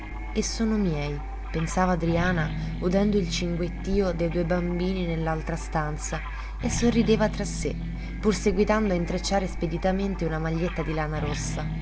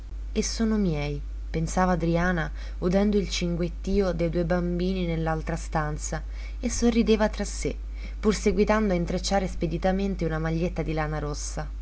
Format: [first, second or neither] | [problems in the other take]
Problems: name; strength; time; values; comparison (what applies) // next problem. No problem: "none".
second | background sound (Guitar); 11 dB below the speech